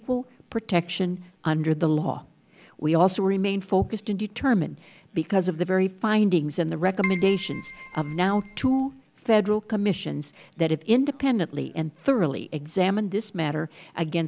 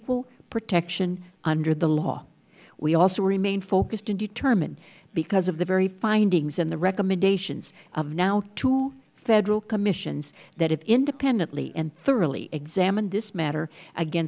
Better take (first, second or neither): second